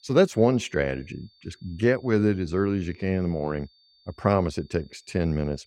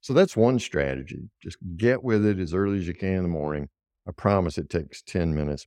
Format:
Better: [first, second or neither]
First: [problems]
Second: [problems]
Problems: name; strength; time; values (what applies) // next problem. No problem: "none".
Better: second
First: high-pitched whine; faint; throughout; 4.5 kHz, 35 dB below the speech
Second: none